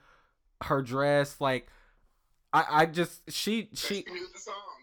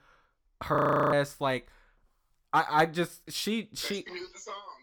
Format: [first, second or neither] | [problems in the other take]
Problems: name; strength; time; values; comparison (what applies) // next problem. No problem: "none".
first | audio freezing; at 1 s